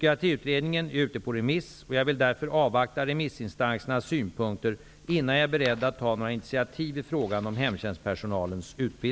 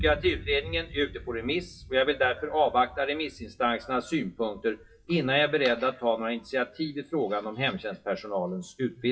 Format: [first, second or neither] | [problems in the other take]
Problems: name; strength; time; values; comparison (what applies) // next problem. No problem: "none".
first | noise reduction (classical method WPE with log-MMSE)